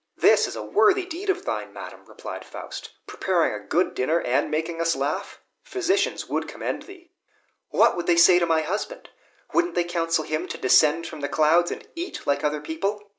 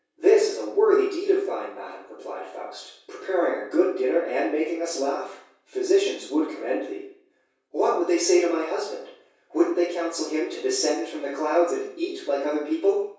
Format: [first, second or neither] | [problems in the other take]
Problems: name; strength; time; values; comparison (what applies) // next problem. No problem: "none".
first | room echo; dies away in 0.6 s